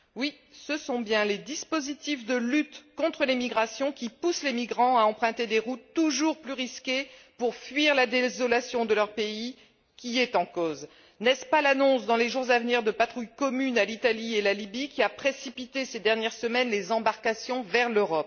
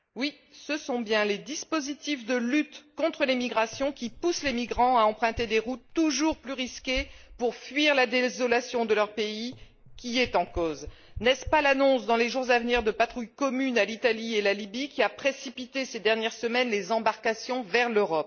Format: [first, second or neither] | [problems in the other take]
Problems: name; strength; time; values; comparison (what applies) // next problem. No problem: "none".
first | noise reduction (neural mask model Resemble Enhance denoiser)